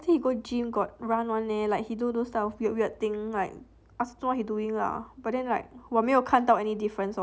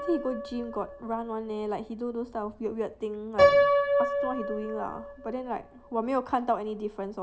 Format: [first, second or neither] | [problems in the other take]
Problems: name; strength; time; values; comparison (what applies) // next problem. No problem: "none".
first | background sound (Piano); 2 dB above the speech // room echo; dies away in 0.7 s